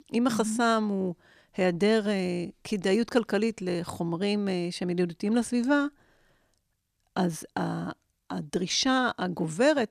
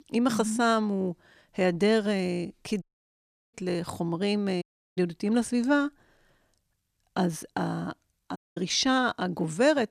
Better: first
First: none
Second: audio cutting out; at 3 s for 0.5 s, at 4.5 s and at 8.5 s

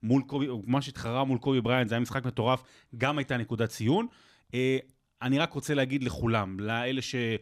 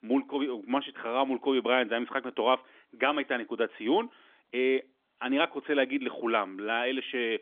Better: first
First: none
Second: phone-call audio; nothing above 3.5 kHz

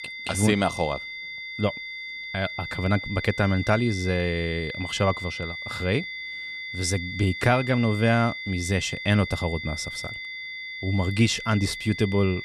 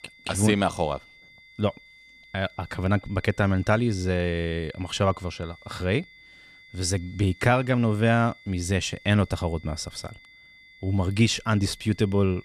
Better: second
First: high-pitched whine; loud; throughout; 2 kHz, 8 dB below the speech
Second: high-pitched whine; faint; throughout; 2 kHz, 25 dB below the speech

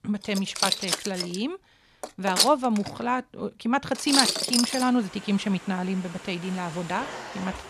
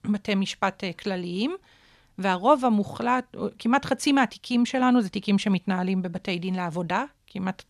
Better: second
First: household noises; very loud; throughout; 1 dB above the speech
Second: none

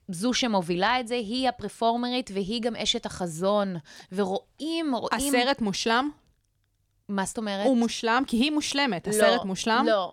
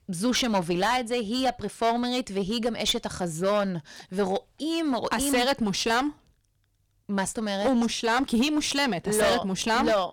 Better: first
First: none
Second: distortion; slight; 10% of the sound clipped

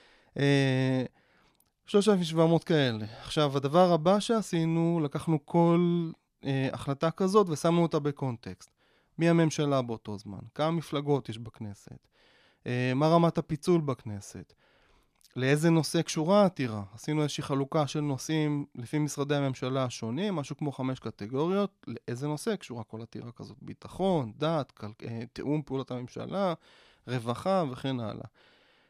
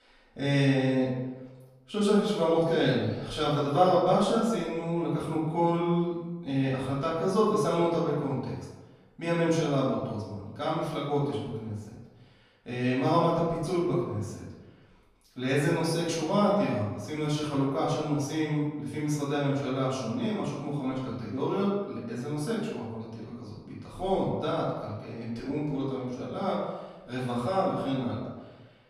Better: first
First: none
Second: room echo; noticeable; dies away in 0.9 s // off-mic speech; far

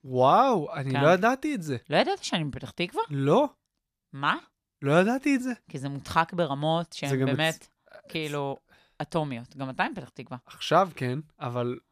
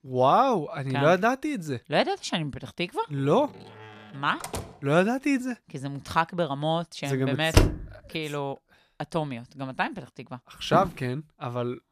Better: first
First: none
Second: door banging; noticeable; from 3 to 4.5 s; peak 9 dB below the speech // door banging; loud; at 7.5 s; peak 4 dB above the speech // footsteps; noticeable; at 11 s; peak 4 dB below the speech

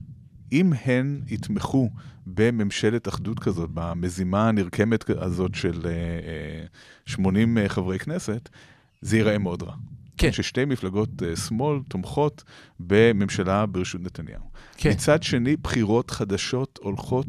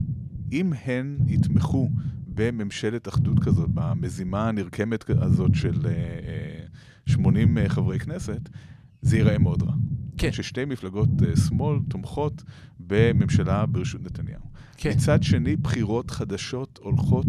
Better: first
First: low rumble; faint; throughout; 20 dB below the speech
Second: low rumble; loud; throughout; 4 dB below the speech

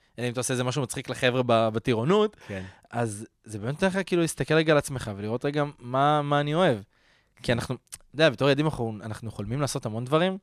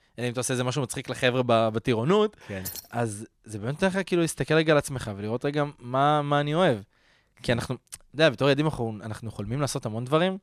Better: first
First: none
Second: jangling keys; faint; at 2.5 s; peak 10 dB below the speech

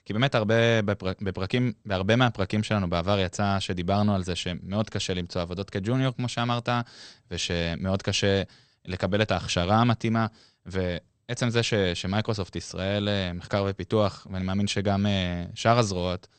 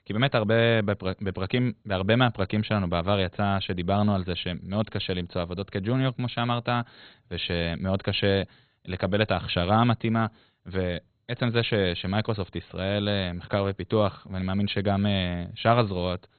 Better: first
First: garbled, watery; slightly; nothing above 8.5 kHz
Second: garbled, watery; badly; nothing above 4 kHz

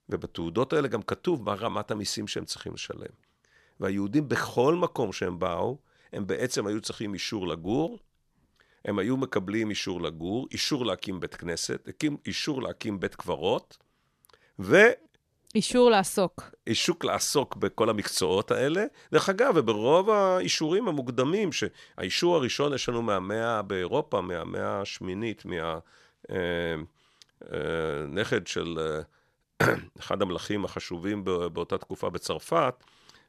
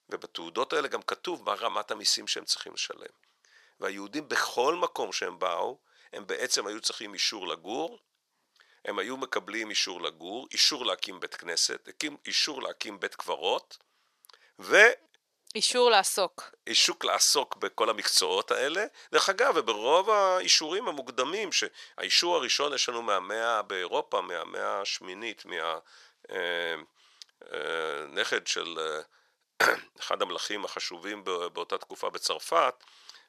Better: first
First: none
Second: thin; very; fading below 600 Hz

